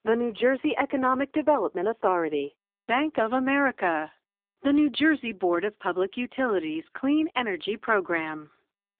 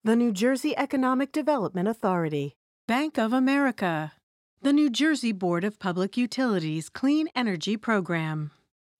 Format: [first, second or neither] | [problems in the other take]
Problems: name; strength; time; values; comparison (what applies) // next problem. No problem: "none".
second | phone-call audio; poor line